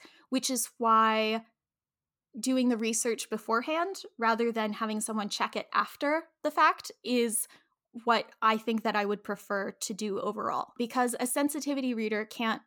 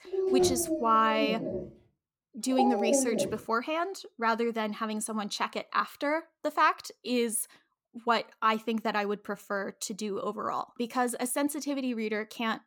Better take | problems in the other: first | dog barking; loud; until 3.5 s; peak 4 dB above the speech

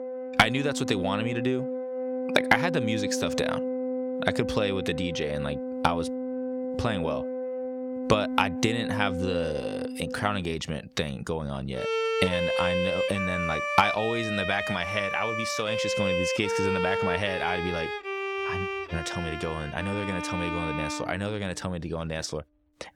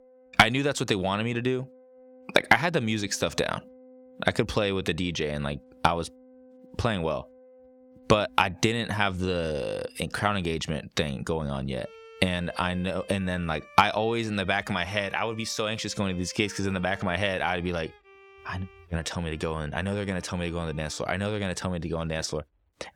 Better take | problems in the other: second | background music; loud; throughout; 2 dB below the speech; faint in the second

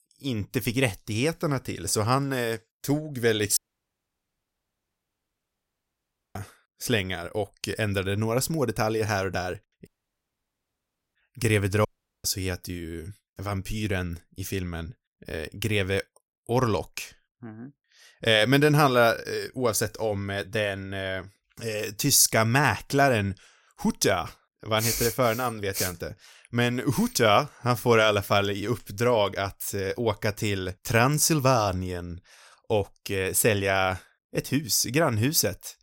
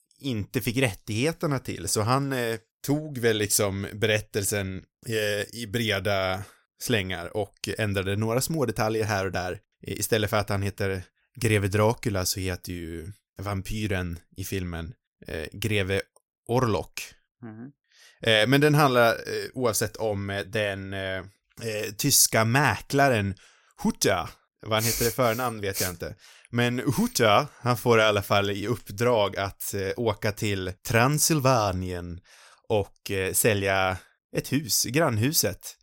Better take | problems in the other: second | audio cutting out; at 3.5 s for 3 s, at 10 s for 1.5 s and at 12 s

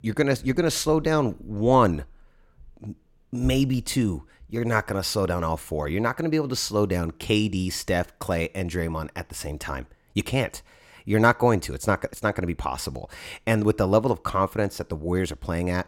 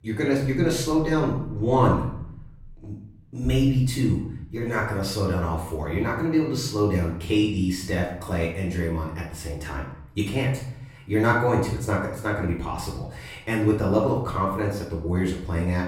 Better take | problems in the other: first | off-mic speech; far // room echo; noticeable; dies away in 0.7 s

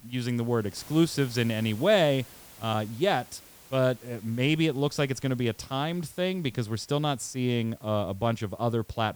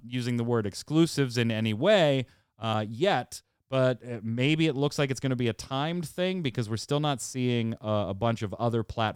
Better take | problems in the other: second | hiss; faint; throughout; 20 dB below the speech

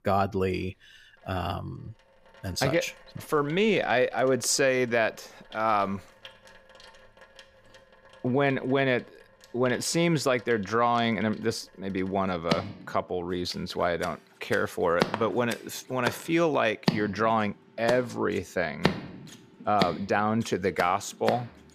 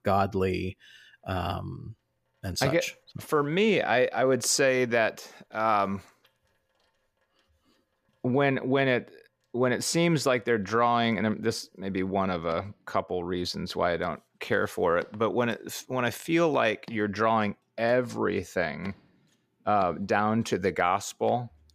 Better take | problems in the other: second | household noises; loud; throughout; 8 dB below the speech; faint in the second

